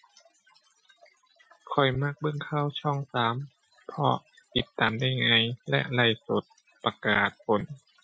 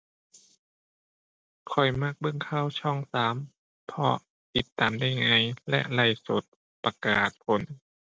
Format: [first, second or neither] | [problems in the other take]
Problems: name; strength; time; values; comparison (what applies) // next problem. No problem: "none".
second | noise reduction (classical method Wiener filter)